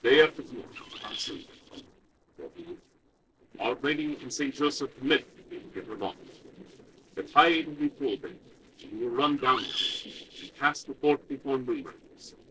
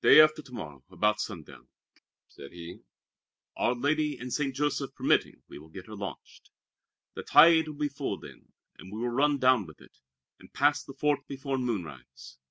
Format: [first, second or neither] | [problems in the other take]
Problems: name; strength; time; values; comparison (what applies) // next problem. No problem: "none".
second | noise reduction (neural separator model SepFormer DNS4)